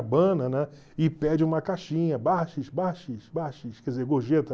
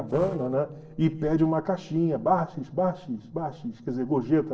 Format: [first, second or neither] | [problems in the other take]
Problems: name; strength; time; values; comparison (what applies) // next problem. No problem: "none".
first | noise reduction (neural separator model SepFormer DNS4)